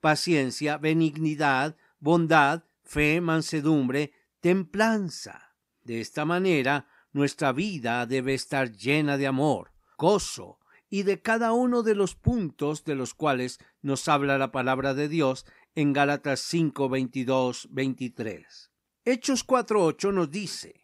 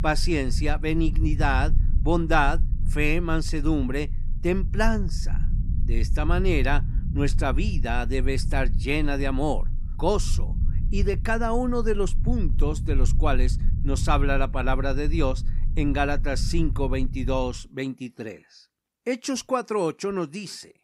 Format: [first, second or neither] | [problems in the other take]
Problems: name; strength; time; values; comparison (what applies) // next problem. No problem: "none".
first | low rumble; noticeable; until 17 s; 15 dB below the speech